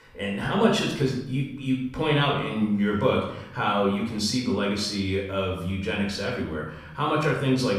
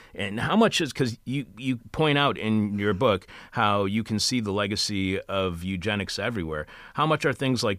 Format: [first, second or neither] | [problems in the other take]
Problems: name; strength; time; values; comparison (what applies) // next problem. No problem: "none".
second | off-mic speech; far // room echo; noticeable; dies away in 0.7 s